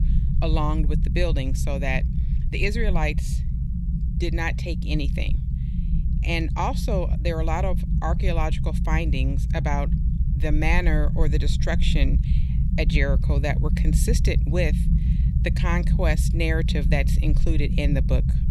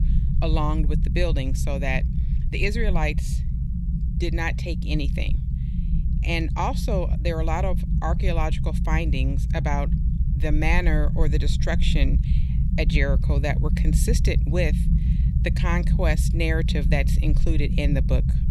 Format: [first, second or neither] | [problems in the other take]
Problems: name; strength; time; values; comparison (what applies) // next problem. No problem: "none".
neither | low rumble; loud; throughout; 9 dB below the speech; the same in both